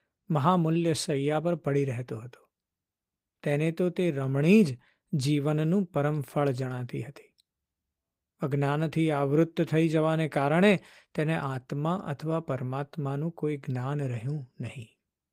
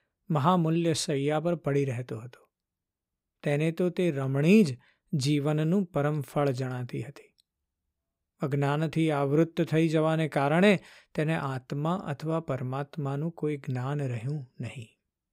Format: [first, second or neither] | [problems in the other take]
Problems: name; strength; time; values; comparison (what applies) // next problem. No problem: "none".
second | garbled, watery; slightly; nothing above 15.5 kHz